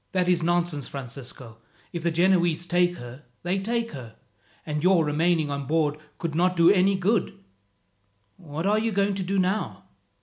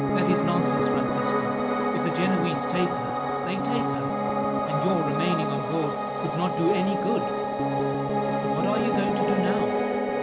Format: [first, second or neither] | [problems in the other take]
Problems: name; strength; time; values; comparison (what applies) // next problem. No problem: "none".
first | background sound (Piano); 5 dB above the speech